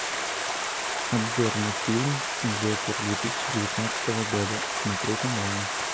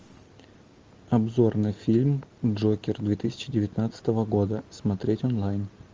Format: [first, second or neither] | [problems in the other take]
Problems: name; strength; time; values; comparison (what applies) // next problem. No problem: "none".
second | background sound (Stream); 1 dB above the speech